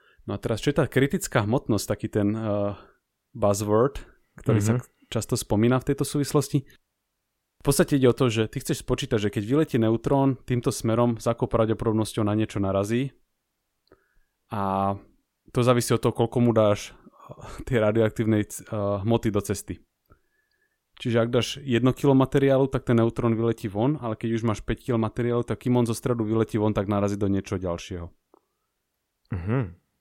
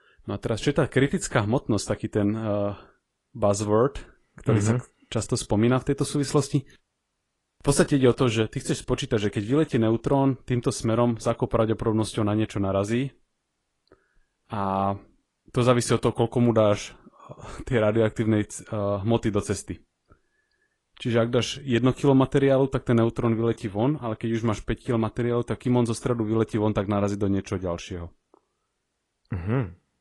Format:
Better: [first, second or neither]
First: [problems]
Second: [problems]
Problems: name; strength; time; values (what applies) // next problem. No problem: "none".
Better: first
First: none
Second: garbled, watery; slightly; nothing above 10.5 kHz